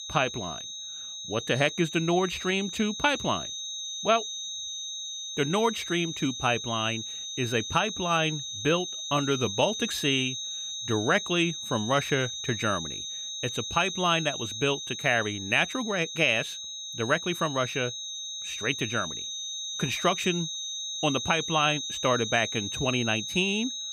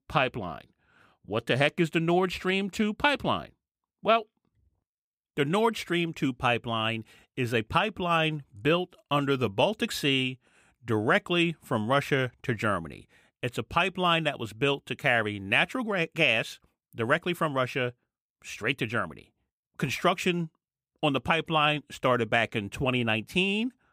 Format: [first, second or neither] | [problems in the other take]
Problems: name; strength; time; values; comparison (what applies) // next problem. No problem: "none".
second | high-pitched whine; loud; throughout; 4 kHz, 6 dB below the speech